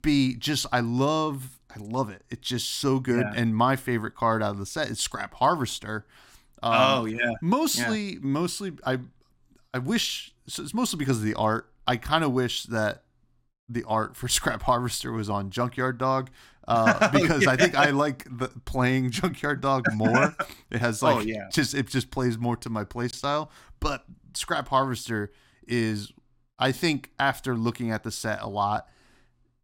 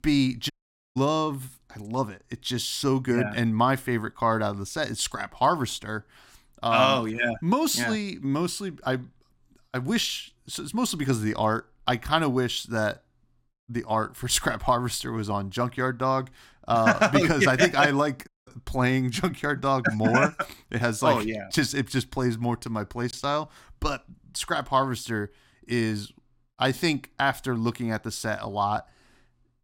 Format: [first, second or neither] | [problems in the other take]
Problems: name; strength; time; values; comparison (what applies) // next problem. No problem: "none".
first | audio cutting out; at 0.5 s and at 18 s